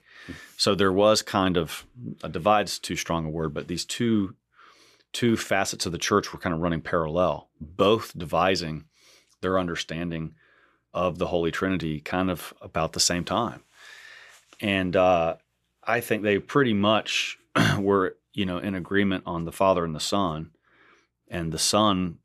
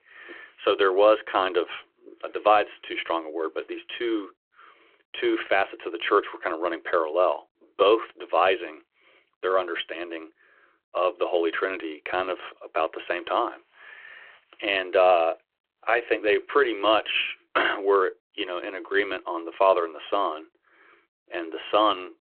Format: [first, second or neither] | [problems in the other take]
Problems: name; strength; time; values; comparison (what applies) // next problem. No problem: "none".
first | phone-call audio